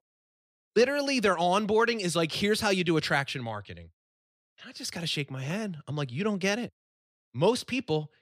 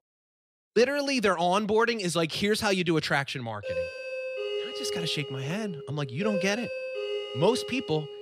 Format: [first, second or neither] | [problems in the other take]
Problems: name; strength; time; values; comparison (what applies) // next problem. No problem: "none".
first | doorbell; noticeable; from 3.5 s on; peak 5 dB below the speech